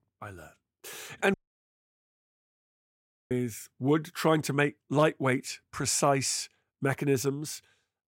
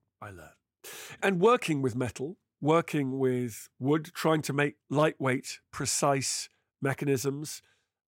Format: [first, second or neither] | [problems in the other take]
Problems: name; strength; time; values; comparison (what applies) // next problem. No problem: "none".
second | audio cutting out; at 1.5 s for 2 s